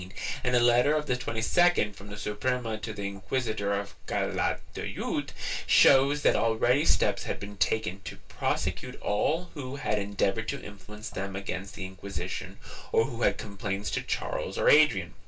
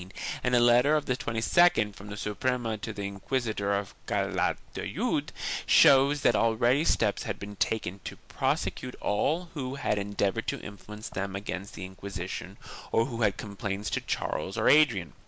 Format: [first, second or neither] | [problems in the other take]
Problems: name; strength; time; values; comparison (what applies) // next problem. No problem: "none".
second | room echo; dies away in 0.2 s